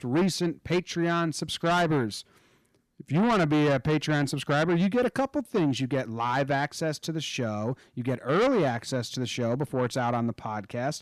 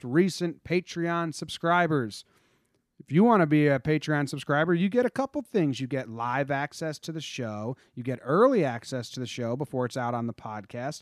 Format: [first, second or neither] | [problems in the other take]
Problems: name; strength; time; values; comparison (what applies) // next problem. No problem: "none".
second | distortion; heavy; 7 dB below the speech